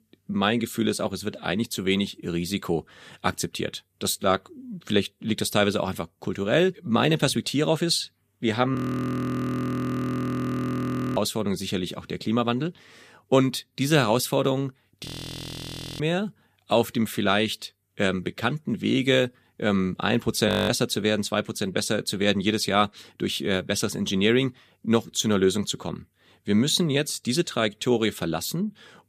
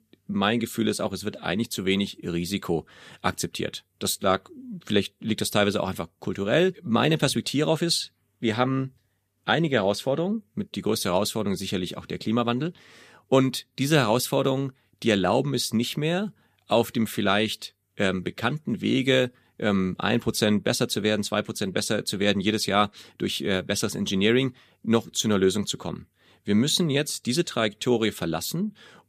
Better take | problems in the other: second | audio freezing; at 9 s for 2.5 s, at 15 s for 1 s and at 20 s

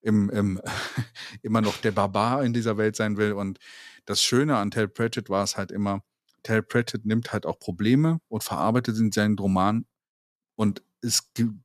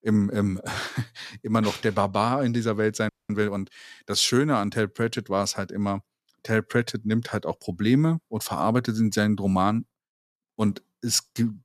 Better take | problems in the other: first | audio freezing; at 3 s

